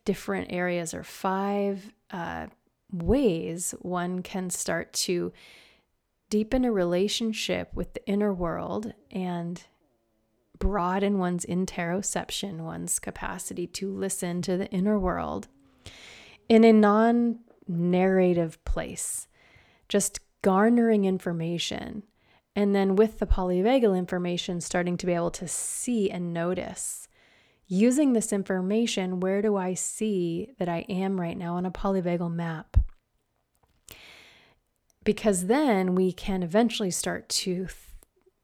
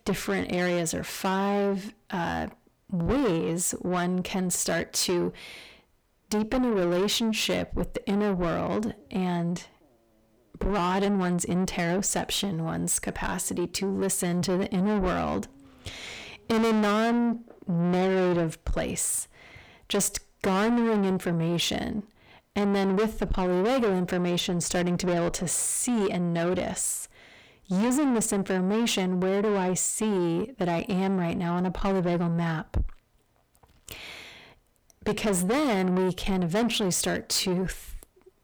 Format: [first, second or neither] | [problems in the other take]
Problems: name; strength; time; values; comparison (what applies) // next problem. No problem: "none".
first | distortion; heavy; 6 dB below the speech